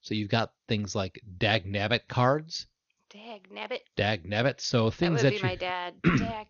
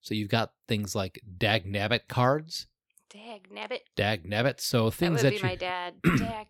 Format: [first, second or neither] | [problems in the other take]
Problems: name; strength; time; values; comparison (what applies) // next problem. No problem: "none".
second | garbled, watery; slightly; nothing above 6.5 kHz